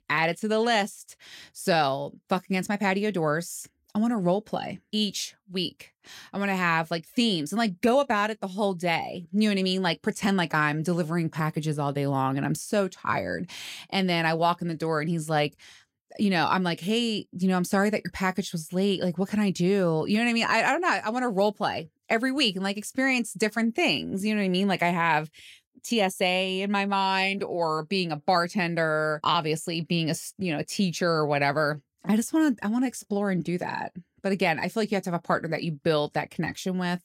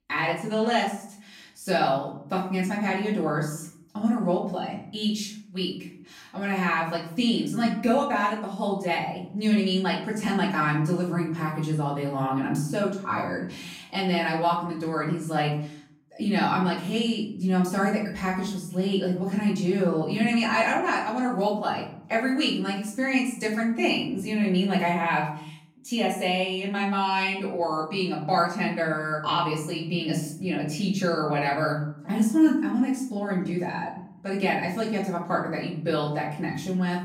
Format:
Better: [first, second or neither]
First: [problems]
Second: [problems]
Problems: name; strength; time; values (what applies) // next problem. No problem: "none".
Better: first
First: none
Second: room echo; slight; dies away in 0.6 s // off-mic speech; far